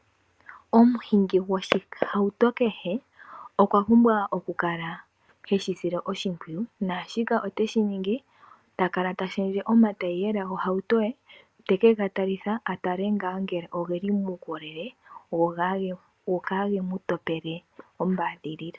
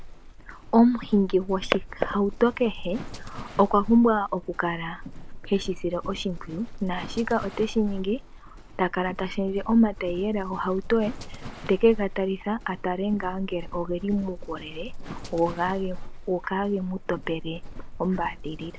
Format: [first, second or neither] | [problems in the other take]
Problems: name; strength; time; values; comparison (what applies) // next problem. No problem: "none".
first | background sound (Livestock, farm animals, working animals); 10 dB below the speech